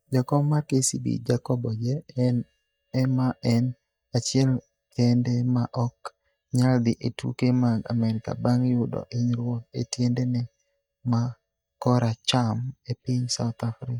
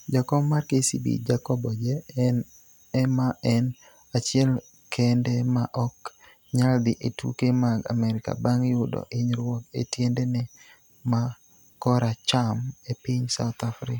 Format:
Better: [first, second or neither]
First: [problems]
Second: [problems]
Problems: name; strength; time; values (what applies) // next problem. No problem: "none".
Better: second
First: noise reduction (neural mask model DeepFilterNet 3)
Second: none